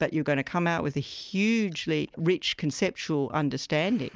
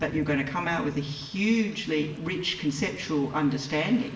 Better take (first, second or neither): first